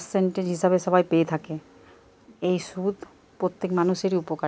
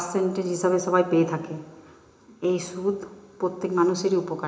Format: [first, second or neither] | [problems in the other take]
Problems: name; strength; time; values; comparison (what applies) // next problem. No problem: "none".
first | room echo; dies away in 0.8 s